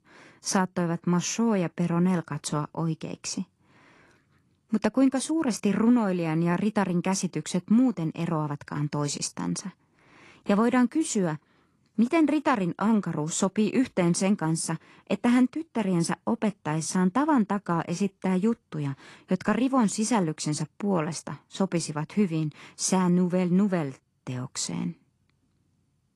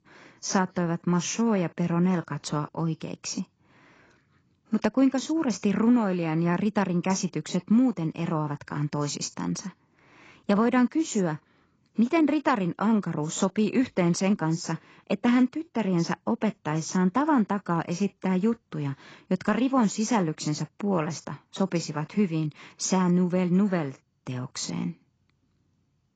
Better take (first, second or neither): first